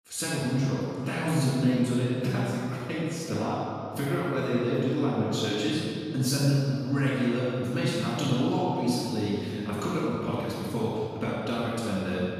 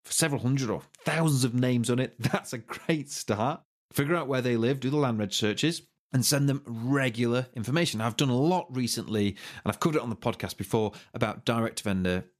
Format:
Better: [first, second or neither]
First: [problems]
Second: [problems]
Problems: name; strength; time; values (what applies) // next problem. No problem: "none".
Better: second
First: room echo; strong; dies away in 2.4 s // off-mic speech; far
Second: none